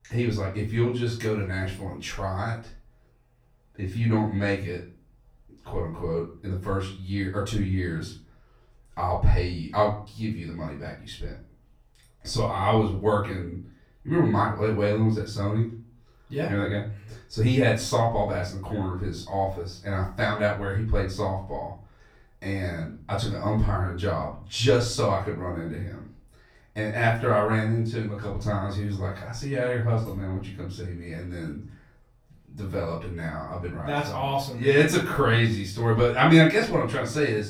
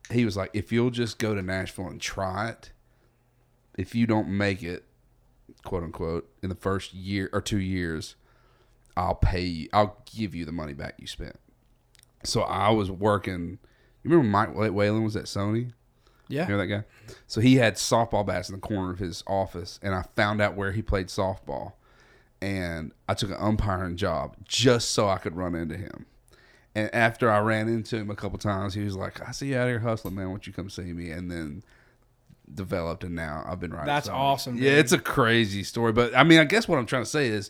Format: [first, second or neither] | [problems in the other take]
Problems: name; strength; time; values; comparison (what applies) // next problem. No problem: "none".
second | off-mic speech; far // room echo; slight; dies away in 0.4 s